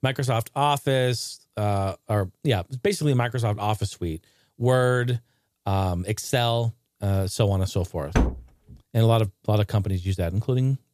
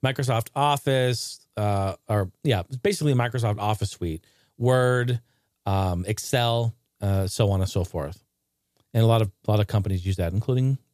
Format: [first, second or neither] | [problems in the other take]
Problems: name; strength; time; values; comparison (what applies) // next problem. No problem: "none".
second | door banging; noticeable; at 8 s; peak level with the speech